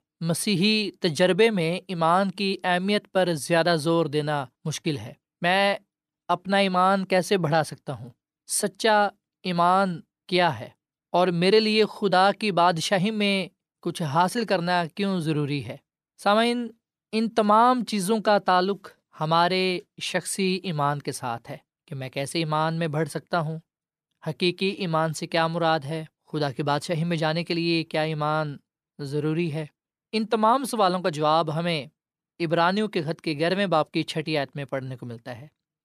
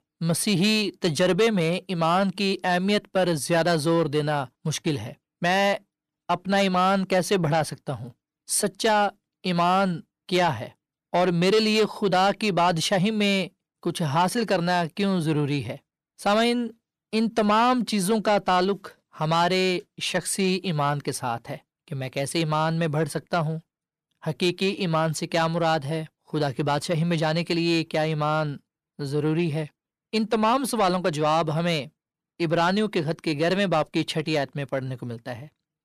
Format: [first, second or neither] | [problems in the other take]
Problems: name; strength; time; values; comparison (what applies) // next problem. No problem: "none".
first | distortion; slight; 10 dB below the speech